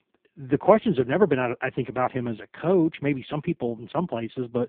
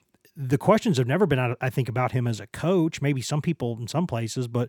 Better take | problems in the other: second | phone-call audio; poor line

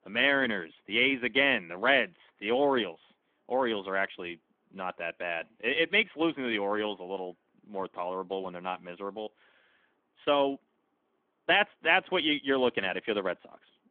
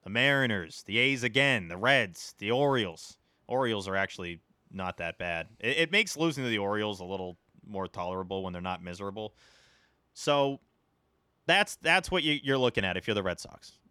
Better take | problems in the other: second | phone-call audio; nothing above 3.5 kHz

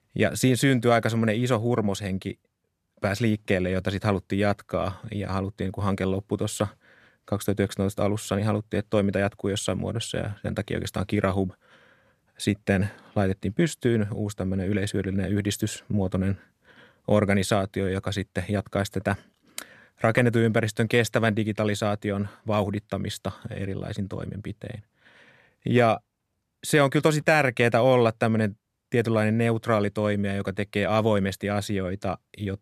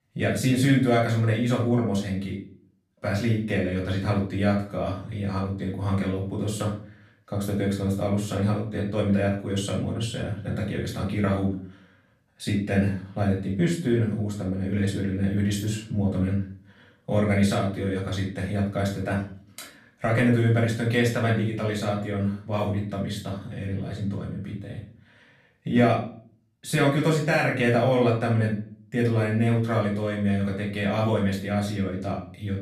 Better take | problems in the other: first | room echo; slight; dies away in 0.4 s // off-mic speech; far

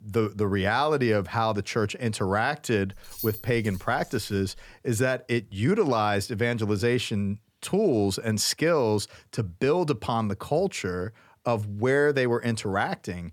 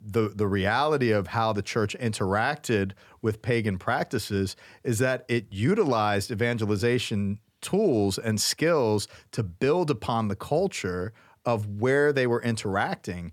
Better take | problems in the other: second | jangling keys; noticeable; from 3 to 4.5 s; peak 9 dB below the speech

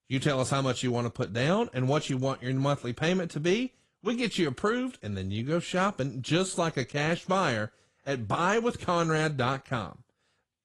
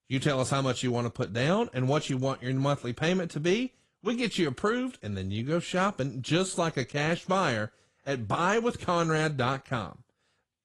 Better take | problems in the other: neither | garbled, watery; slightly; the same in both

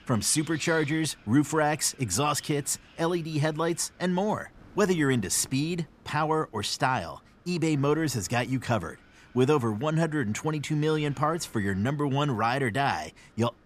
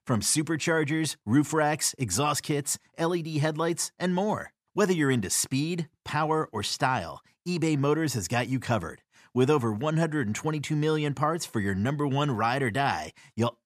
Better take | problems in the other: second | wind noise on the microphone; occasional gusts; 25 dB below the speech

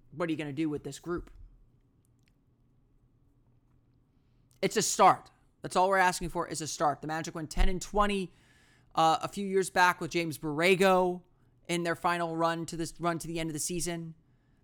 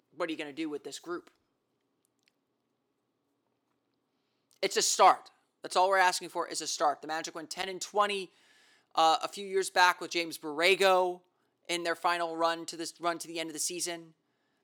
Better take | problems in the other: first | thin; somewhat; fading below 450 Hz

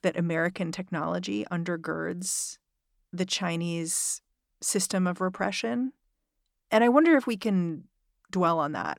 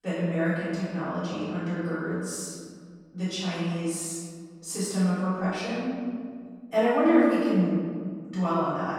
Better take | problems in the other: first | off-mic speech; far // room echo; strong; dies away in 2 s

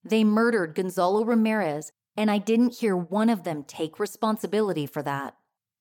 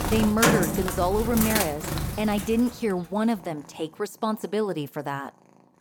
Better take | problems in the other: first | animal sounds; very loud; throughout; as loud as the speech

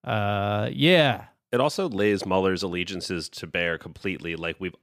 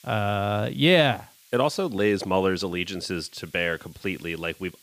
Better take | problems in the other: first | hiss; faint; throughout; 25 dB below the speech

